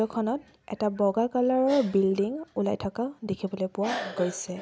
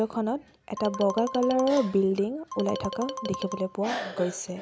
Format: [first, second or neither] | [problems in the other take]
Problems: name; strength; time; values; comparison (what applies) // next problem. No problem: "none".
first | background sound (Marimba, xylophone); 10 dB below the speech